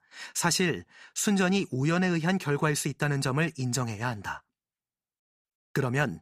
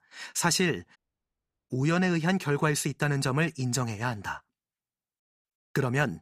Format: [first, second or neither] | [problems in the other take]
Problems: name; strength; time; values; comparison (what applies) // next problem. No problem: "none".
first | audio cutting out; at 1 s for 0.5 s